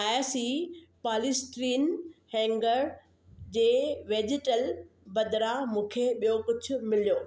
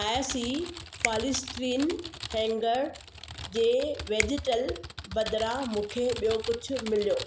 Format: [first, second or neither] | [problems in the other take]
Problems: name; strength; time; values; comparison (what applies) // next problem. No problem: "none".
first | background sound (Finger snapping + Typing); 9 dB below the speech